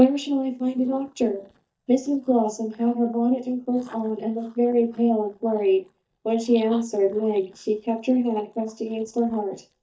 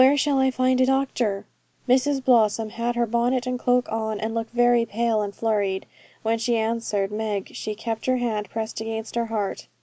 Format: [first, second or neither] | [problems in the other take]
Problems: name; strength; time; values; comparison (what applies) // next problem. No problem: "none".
second | noise reduction (neural mask model DeepFilterNet 3)